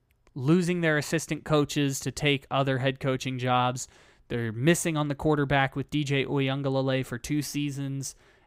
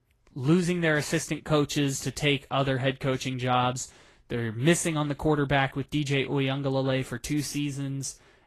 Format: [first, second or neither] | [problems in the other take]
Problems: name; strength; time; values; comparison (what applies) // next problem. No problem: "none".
first | garbled, watery; slightly; nothing above 12.5 kHz